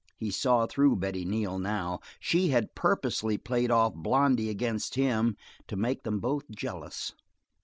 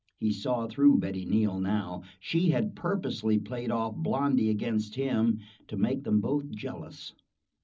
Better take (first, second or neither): first